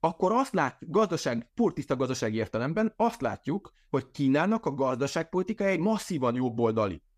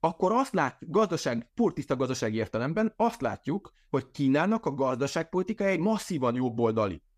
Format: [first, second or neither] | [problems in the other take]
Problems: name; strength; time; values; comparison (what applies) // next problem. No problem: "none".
neither | none